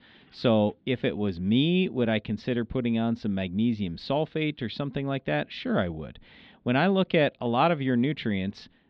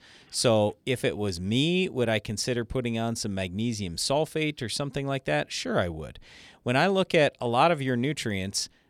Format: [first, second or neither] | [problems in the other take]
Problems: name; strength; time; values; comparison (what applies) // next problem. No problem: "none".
second | muffled; slightly; fading above 3.5 kHz